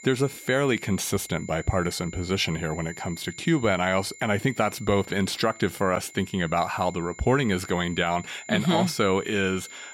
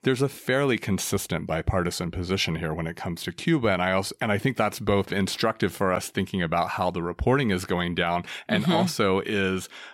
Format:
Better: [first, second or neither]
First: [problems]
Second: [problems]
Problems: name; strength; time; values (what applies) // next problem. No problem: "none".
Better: second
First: high-pitched whine; noticeable; throughout; 2 kHz, 15 dB below the speech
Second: none